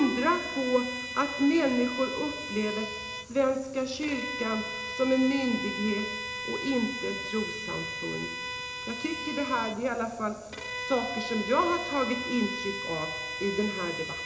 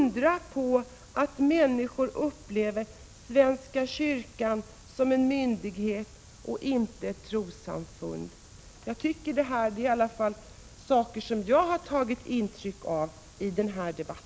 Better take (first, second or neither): second